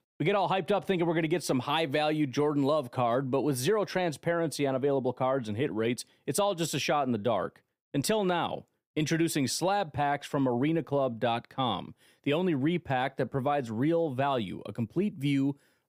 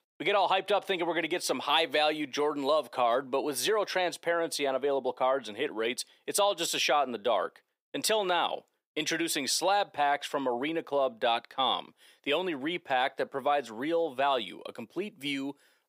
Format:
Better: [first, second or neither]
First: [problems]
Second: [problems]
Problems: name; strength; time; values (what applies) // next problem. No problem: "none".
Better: first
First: none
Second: thin; somewhat; fading below 500 Hz